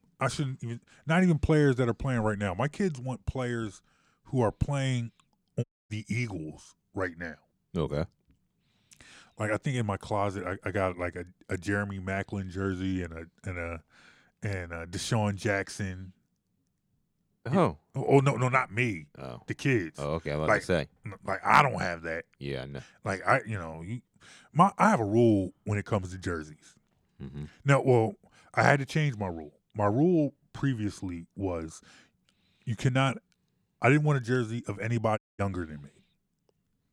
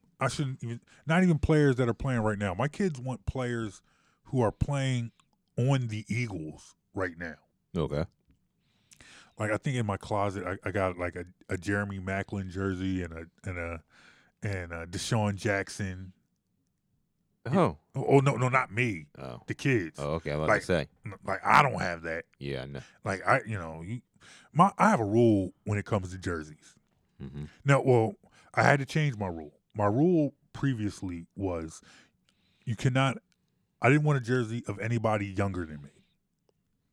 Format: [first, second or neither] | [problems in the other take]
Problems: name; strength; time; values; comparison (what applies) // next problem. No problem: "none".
second | audio cutting out; at 5.5 s and at 35 s